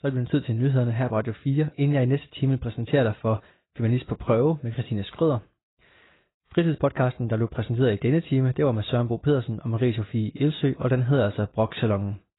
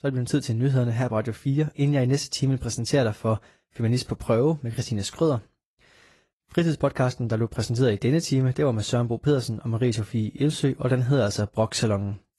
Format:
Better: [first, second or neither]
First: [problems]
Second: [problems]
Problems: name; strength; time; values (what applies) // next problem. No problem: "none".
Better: second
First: garbled, watery; badly; nothing above 4 kHz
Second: garbled, watery; slightly; nothing above 11.5 kHz